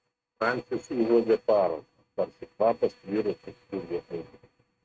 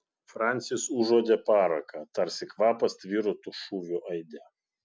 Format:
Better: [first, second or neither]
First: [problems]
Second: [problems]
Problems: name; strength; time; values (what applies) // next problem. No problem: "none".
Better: second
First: noise reduction (neural mask model RNNoise)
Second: none